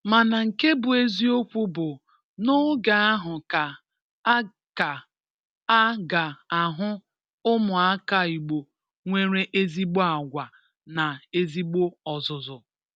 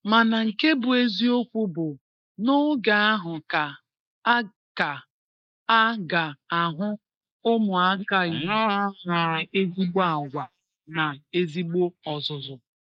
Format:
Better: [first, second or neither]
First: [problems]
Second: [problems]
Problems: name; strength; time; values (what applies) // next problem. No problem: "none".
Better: first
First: none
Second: noise reduction (neural mask model Resemble Enhance denoiser)